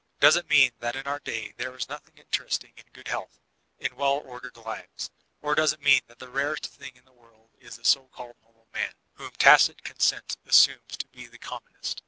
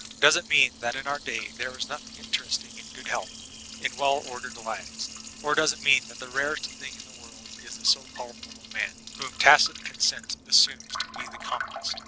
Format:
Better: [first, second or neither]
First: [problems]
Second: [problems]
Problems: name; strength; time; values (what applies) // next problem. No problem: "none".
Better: first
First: none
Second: background sound (Liquid); 13 dB below the speech